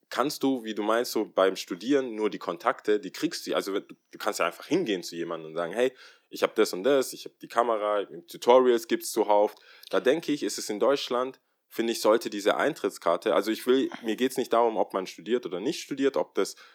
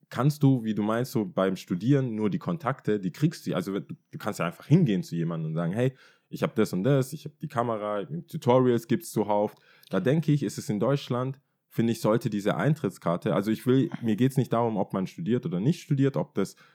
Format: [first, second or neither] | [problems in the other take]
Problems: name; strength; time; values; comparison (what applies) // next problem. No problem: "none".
second | thin; somewhat; fading below 300 Hz